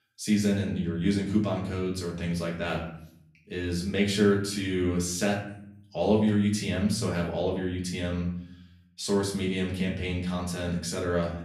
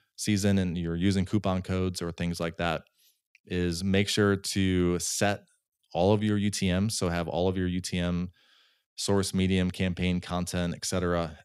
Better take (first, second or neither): second